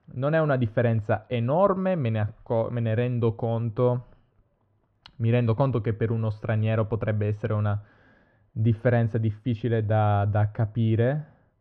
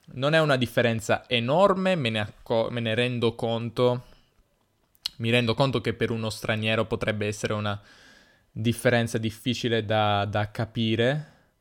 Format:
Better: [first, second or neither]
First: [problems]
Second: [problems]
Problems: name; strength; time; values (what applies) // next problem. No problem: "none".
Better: second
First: muffled; very; fading above 1.5 kHz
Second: none